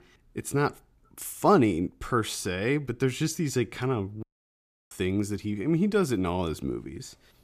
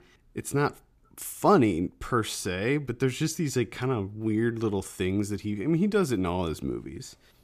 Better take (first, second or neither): second